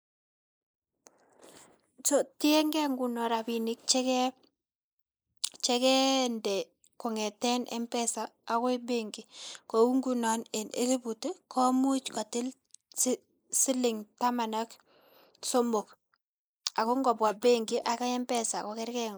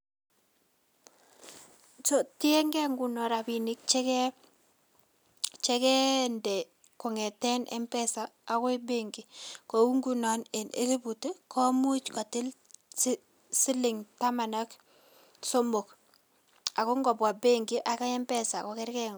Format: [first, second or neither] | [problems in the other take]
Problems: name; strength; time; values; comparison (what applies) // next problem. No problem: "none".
second | noise reduction (neural mask model Resemble Enhance denoiser)